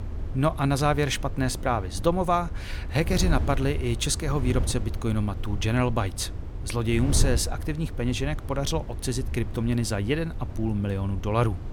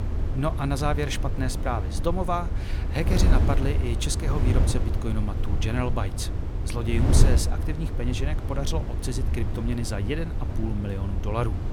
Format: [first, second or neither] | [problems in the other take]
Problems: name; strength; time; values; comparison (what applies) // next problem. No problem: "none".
first | wind noise on the microphone; heavy; 6 dB below the speech; occasional gusts in the first